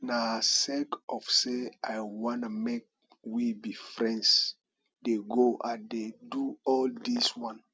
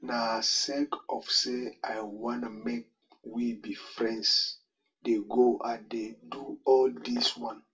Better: first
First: none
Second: room echo; dies away in 0.2 s

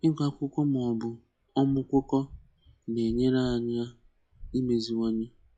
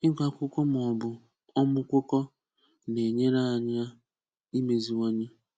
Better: second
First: noise reduction (classical method log-MMSE)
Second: none

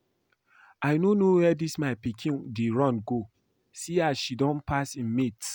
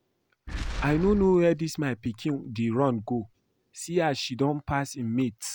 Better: first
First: none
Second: background sound (Boom); 11 dB below the speech

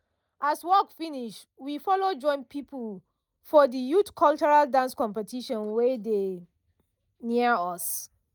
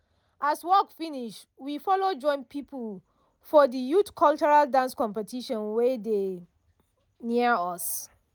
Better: second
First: noise reduction (neural mask model DeepFilterNet 3)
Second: none

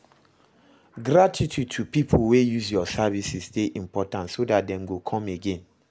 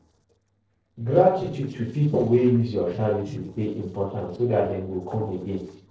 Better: first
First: none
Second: noise reduction (neural separator model SepFormer DNS4)

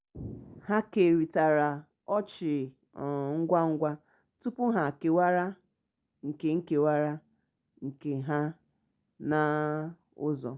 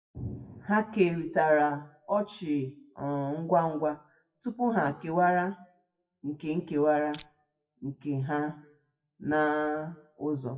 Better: first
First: none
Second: noise reduction (classical method WPE with log-MMSE)

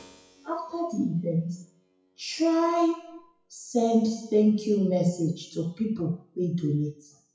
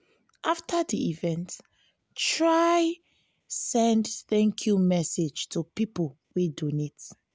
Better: second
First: noise reduction (classical method WPE with log-MMSE)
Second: none

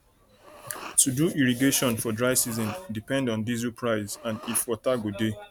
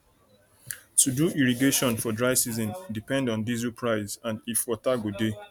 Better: second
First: background sound (Respiratory sounds); 20 dB below the speech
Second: none

